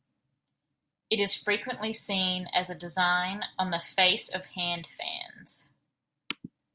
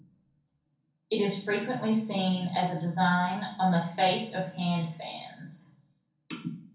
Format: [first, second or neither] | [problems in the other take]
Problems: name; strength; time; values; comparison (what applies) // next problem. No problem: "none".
first | room echo; dies away in 0.5 s